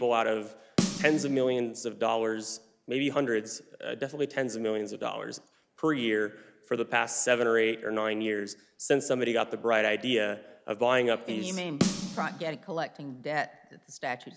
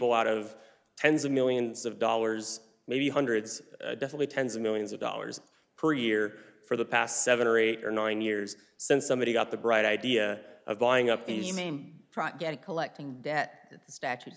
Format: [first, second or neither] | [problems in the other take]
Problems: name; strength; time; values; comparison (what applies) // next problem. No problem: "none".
second | background sound (Snare drum); 5 dB below the speech